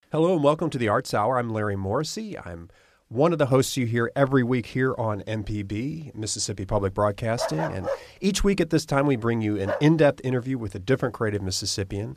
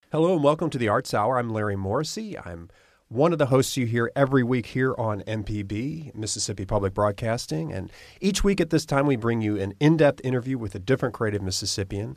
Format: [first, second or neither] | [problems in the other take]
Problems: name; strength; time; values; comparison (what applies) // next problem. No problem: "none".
second | dog barking; noticeable; from 7.5 to 10 s; peak 5 dB below the speech